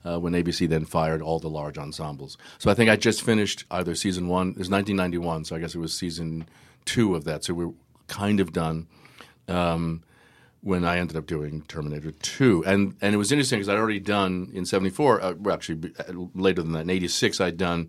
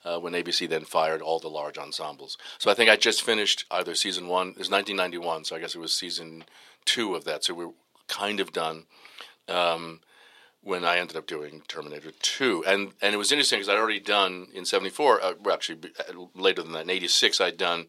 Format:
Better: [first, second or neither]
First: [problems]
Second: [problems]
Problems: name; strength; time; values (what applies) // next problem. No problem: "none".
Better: first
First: none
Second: thin; very; fading below 550 Hz